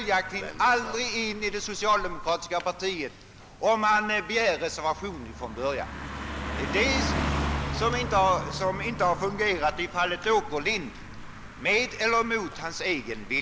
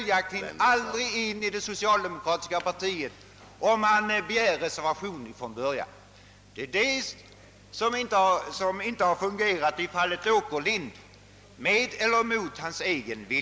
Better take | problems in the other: second | background sound (Car passing by); 8 dB below the speech

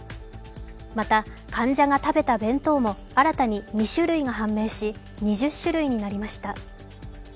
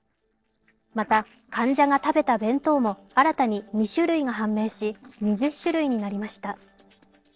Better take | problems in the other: first | noise reduction (neural separator model SepFormer DNS4)

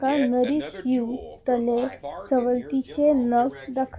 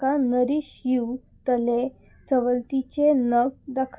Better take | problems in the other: second | background sound (Fart); 14 dB below the speech

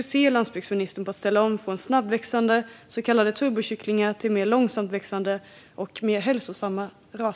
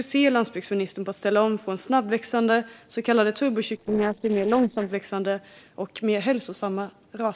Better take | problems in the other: first | noise reduction (neural separator model SepFormer DNS4)

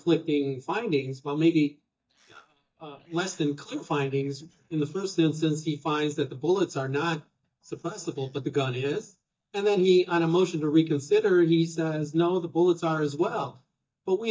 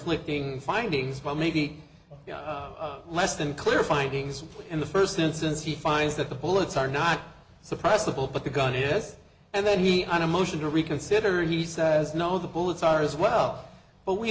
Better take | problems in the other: second | noise reduction (neural mask model DeepFilterNet 3)

